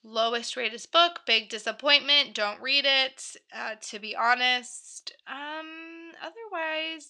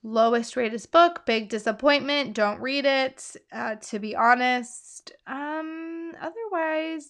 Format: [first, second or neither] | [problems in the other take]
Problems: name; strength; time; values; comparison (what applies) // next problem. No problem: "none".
second | thin; very slightly; fading below 650 Hz